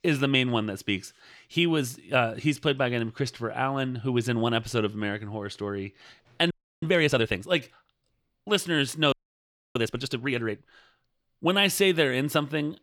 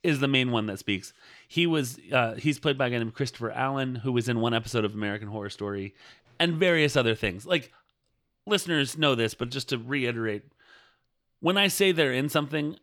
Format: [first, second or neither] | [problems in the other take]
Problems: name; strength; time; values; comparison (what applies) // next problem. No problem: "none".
second | audio freezing; at 6.5 s and at 9 s for 0.5 s